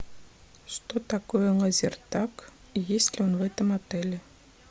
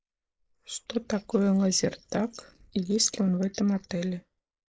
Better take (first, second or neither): first